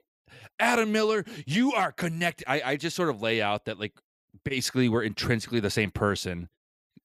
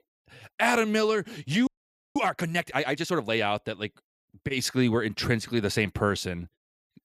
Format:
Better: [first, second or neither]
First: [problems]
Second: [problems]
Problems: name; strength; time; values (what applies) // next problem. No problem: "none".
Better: first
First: none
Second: audio freezing; at 1.5 s